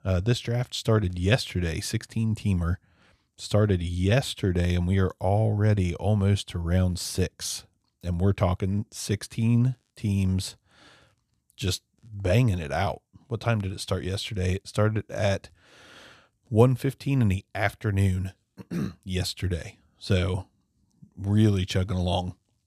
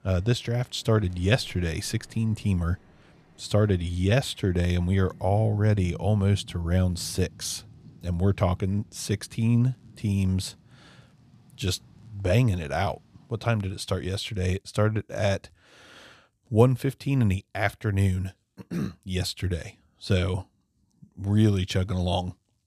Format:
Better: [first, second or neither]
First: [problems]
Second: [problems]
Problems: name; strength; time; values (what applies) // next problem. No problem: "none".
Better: first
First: none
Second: rain or running water; faint; until 13 s; 25 dB below the speech